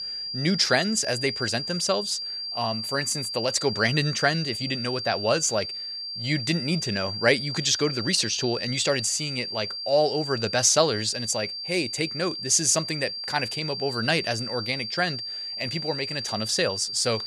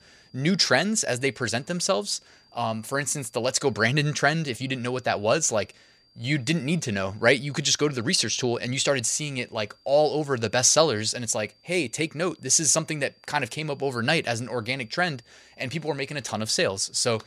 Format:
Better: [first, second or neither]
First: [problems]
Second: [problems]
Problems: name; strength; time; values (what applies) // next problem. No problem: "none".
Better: second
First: high-pitched whine; loud; throughout; 4.5 kHz, 5 dB below the speech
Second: high-pitched whine; faint; throughout; 4.5 kHz, 35 dB below the speech